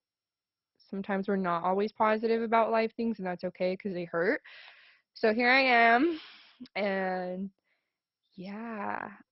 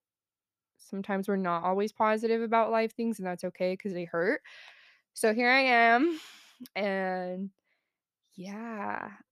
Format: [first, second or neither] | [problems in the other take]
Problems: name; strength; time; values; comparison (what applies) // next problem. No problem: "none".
second | garbled, watery; badly; nothing above 4.5 kHz